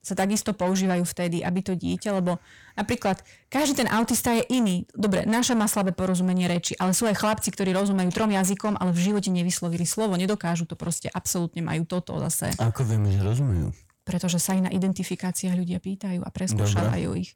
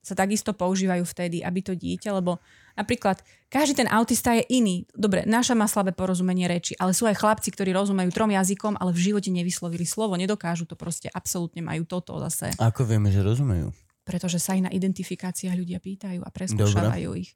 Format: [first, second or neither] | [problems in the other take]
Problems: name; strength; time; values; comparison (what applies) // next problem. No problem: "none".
second | distortion; slight; 10 dB below the speech